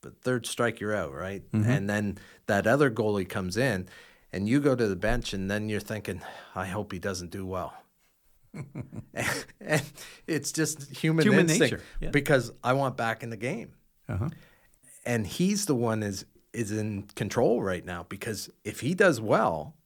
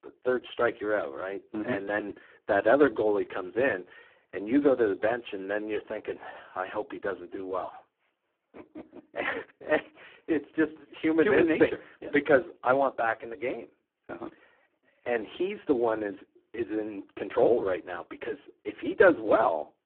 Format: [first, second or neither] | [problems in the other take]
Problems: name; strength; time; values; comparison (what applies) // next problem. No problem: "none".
first | phone-call audio; poor line